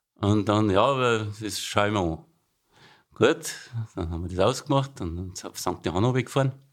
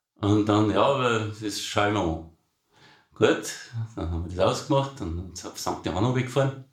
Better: first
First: none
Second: room echo; slight; dies away in 0.4 s // off-mic speech; somewhat distant

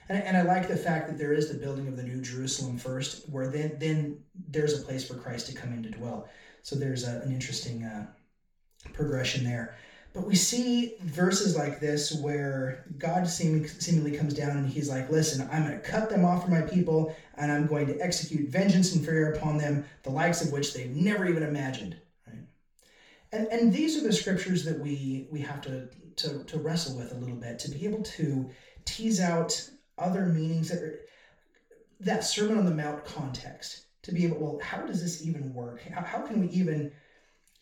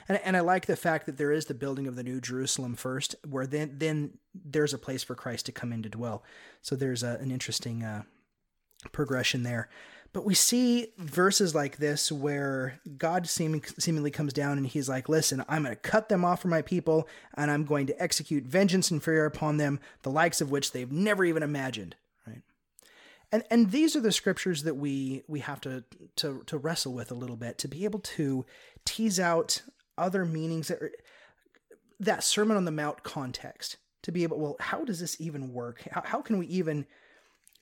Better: second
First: room echo; noticeable; dies away in 0.4 s // off-mic speech; far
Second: none

